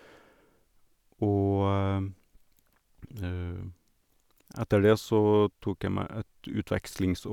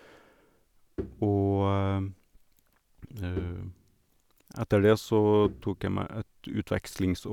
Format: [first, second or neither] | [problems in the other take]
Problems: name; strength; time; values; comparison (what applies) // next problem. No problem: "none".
first | background sound (Bowed string instrument); 16 dB below the speech